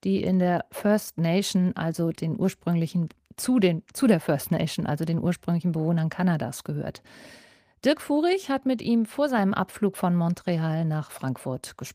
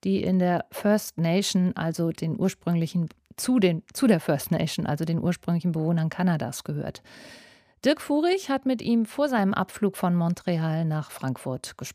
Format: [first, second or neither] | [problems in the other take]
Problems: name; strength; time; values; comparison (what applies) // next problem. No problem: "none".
second | garbled, watery; slightly; nothing above 15 kHz